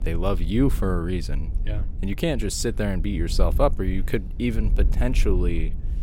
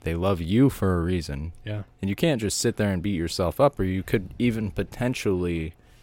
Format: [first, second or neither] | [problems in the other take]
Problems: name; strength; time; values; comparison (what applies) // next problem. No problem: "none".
second | low rumble; noticeable; throughout; 20 dB below the speech